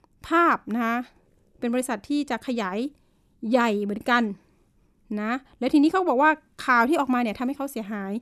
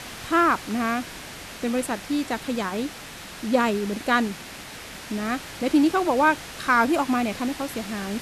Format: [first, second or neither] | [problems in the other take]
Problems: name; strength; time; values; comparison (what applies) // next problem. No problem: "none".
first | hiss; noticeable; throughout; 15 dB below the speech